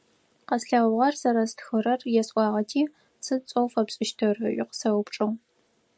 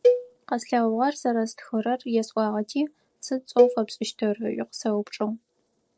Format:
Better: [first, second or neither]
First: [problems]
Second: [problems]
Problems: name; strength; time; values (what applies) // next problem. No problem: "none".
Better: first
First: none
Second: noise reduction (neural separator model SepFormer DNS4)